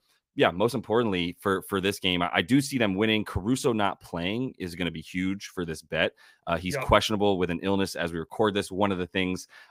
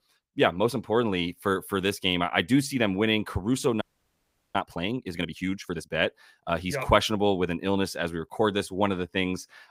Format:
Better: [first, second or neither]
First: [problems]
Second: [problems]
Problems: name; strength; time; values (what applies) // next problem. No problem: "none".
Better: first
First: none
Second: audio freezing; at 4 s for 0.5 s